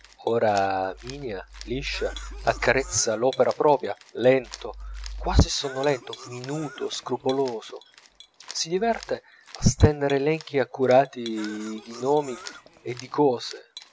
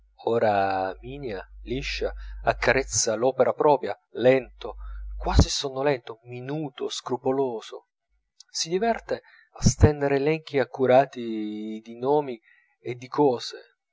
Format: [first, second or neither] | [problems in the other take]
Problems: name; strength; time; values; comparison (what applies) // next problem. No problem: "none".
second | background sound (Cough + Cat); 20 dB below the speech